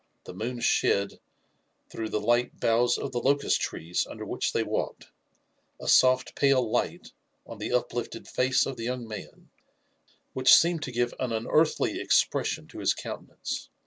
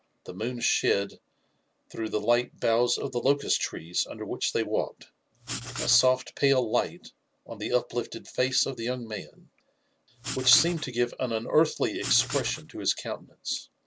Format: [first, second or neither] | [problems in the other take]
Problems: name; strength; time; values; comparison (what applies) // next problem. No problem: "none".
first | background sound (Writing); 9 dB below the speech